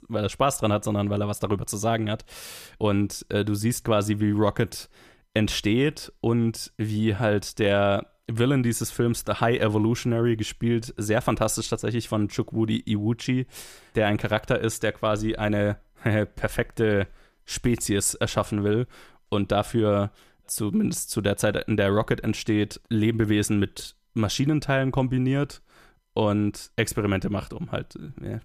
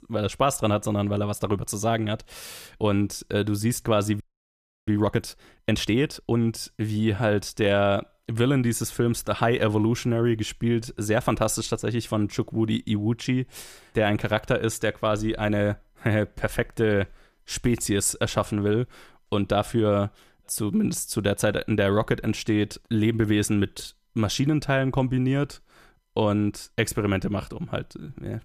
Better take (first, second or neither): first